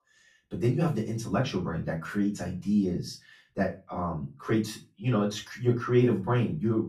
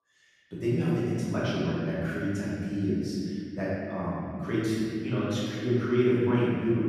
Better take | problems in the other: first | room echo; strong; dies away in 2.6 s; slight in the first // off-mic speech; far; far in the first

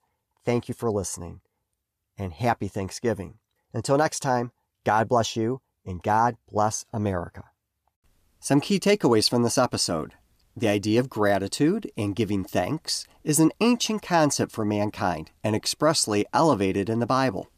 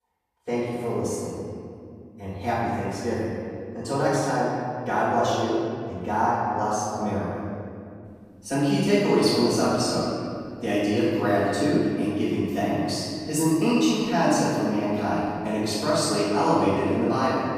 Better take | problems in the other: first | off-mic speech; far // room echo; strong; dies away in 2.2 s

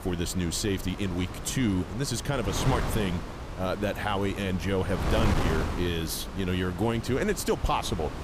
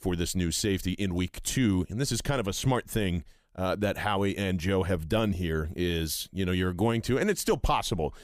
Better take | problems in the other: second | wind noise on the microphone; heavy; 6 dB below the speech

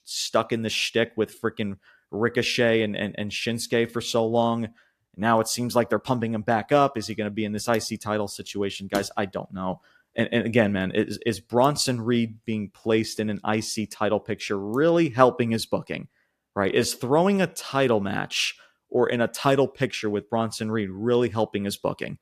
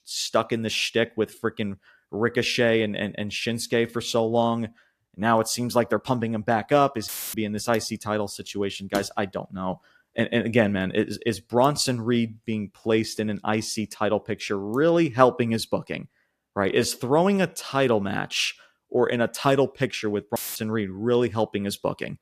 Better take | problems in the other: first | audio cutting out; filled with static; at 7 s and at 20 s

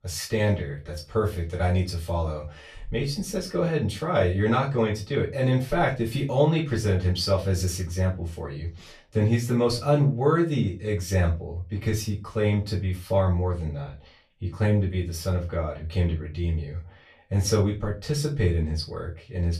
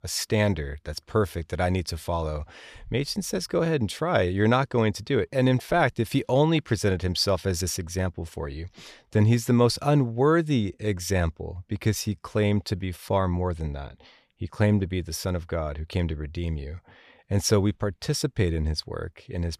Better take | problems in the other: second | off-mic speech; far // room echo; very slight; dies away in 0.2 s

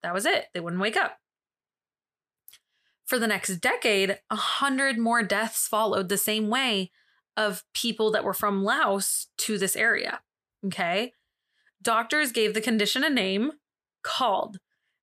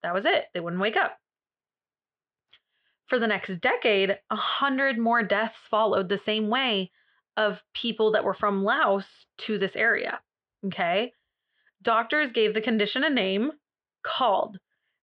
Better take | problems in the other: first | muffled; very; fading above 3.5 kHz

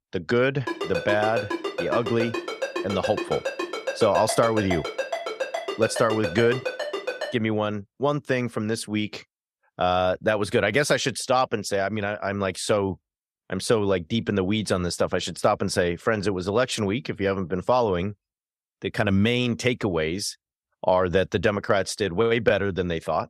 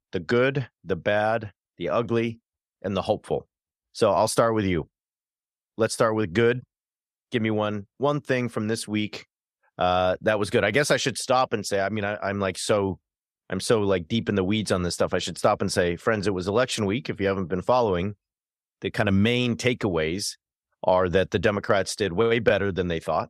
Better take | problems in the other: second | phone ringing; noticeable; from 0.5 to 7.5 s; peak 4 dB below the speech

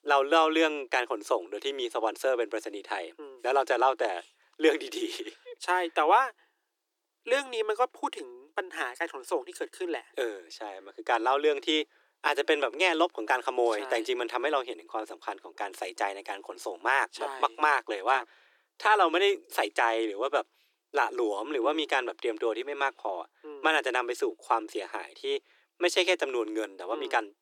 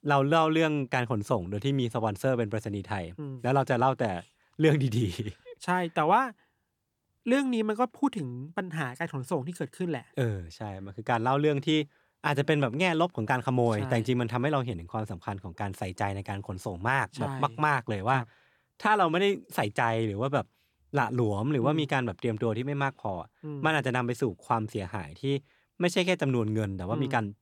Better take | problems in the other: second | thin; very; fading below 350 Hz

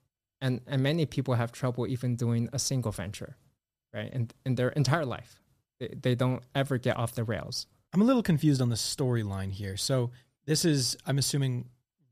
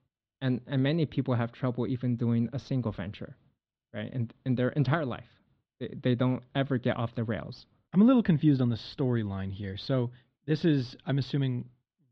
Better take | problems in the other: first | muffled; slightly; fading above 3.5 kHz

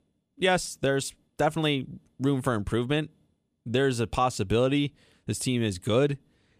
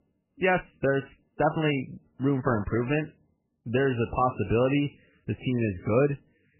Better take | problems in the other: first | garbled, watery; badly; nothing above 3 kHz

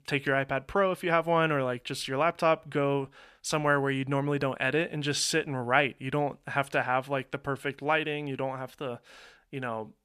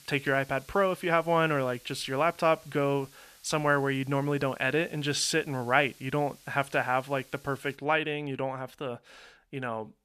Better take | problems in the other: first | hiss; faint; until 8 s; 25 dB below the speech

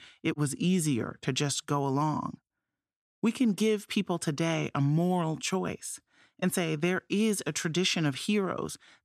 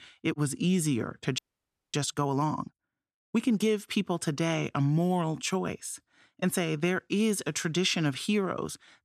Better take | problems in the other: first | audio freezing; at 1.5 s for 0.5 s

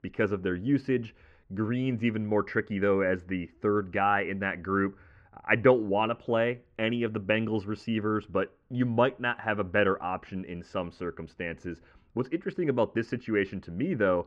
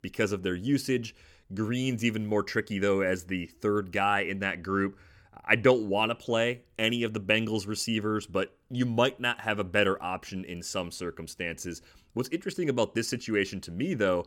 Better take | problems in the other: second | muffled; very; fading above 1.5 kHz

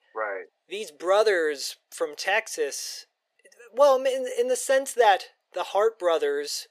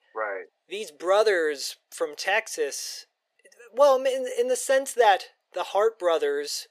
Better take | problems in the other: neither | thin; very; fading below 450 Hz; the same in both

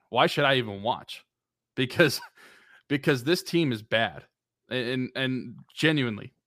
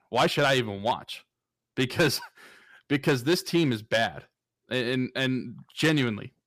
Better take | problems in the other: first | distortion; slight; 3% of the sound clipped

